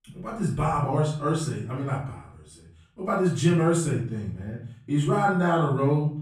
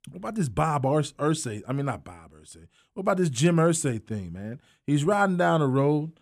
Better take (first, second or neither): second